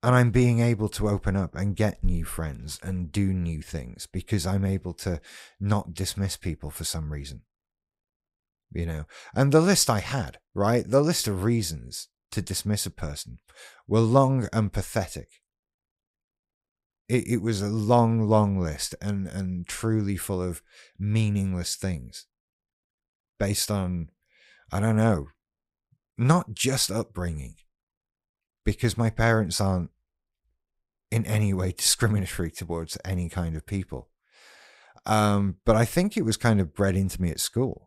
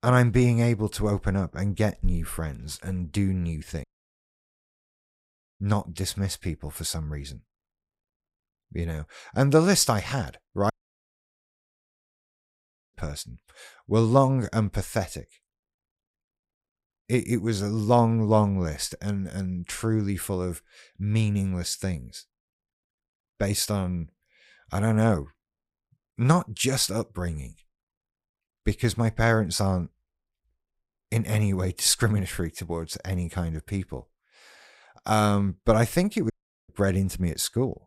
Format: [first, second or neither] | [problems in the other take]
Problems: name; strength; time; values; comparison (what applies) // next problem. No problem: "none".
first | audio cutting out; at 4 s for 2 s, at 11 s for 2 s and at 36 s